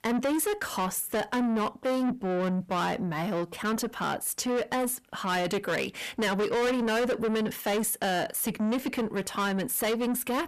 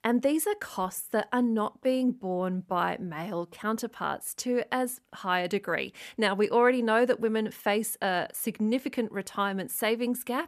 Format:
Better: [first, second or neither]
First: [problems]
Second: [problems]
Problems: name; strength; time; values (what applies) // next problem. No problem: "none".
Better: second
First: distortion; heavy; 6 dB below the speech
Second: none